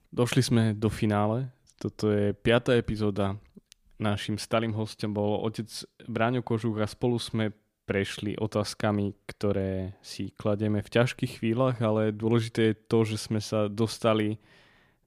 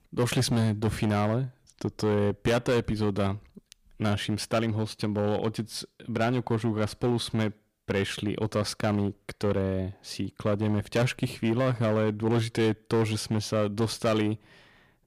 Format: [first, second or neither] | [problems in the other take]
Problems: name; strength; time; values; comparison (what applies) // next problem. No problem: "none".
first | distortion; slight; 9% of the sound clipped